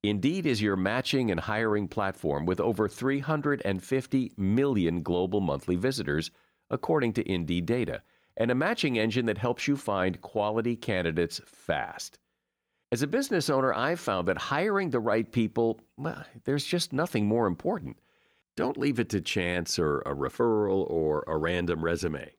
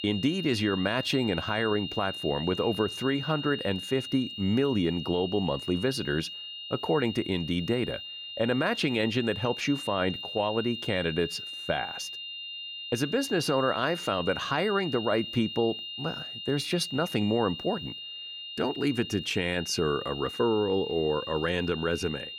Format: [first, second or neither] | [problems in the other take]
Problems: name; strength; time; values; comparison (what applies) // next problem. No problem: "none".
first | high-pitched whine; loud; throughout; 3 kHz, 8 dB below the speech